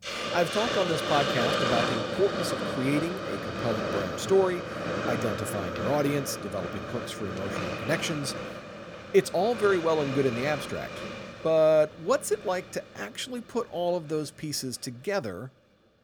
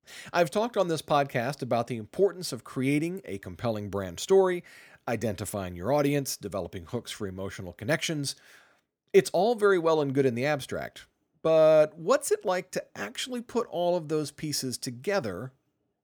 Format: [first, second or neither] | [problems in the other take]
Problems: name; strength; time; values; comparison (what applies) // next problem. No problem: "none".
second | hiss; loud; throughout; 3 dB below the speech